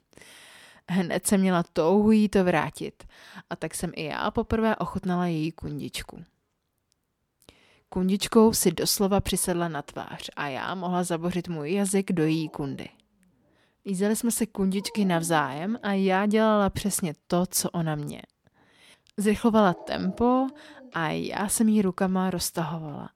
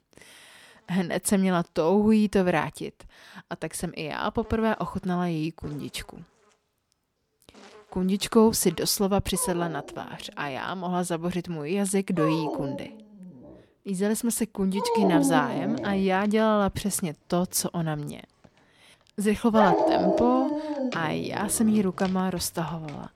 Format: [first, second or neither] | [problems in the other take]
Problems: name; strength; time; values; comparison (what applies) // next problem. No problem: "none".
first | animal sounds; loud; throughout; 3 dB below the speech; faint in the first